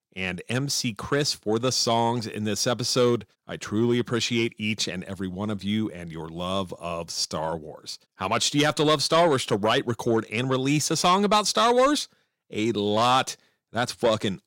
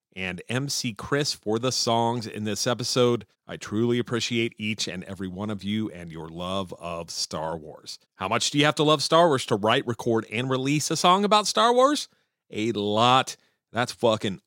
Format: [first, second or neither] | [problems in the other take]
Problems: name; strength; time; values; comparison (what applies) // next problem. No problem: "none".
second | distortion; slight; 10 dB below the speech